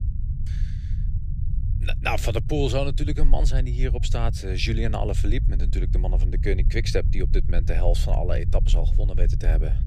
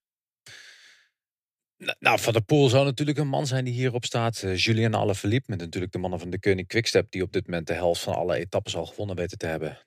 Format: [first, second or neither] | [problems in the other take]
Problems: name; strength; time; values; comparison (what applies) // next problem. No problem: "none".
second | low rumble; noticeable; throughout; 15 dB below the speech